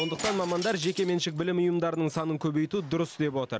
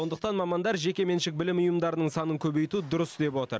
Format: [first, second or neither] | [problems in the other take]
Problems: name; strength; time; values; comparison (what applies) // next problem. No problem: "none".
second | background sound (Shatter); 14 dB below the speech